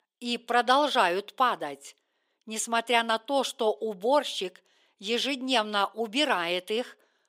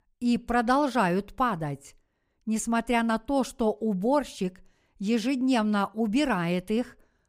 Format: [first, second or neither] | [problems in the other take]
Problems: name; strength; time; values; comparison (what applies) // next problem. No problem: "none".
second | thin; somewhat; fading below 400 Hz